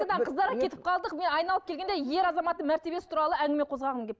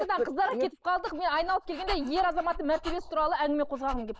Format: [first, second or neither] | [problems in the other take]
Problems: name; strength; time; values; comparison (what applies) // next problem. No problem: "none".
first | noise reduction (neural mask model Resemble Enhance denoiser)